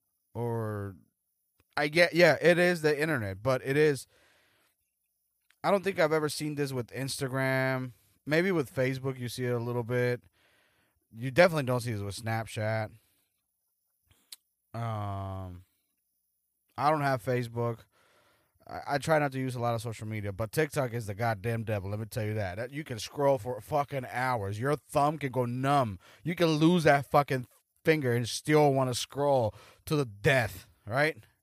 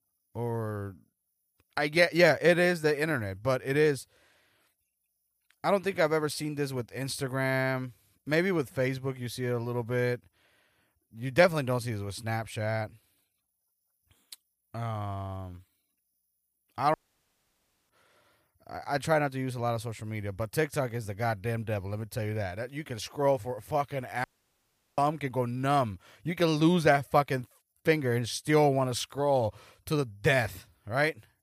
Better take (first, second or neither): first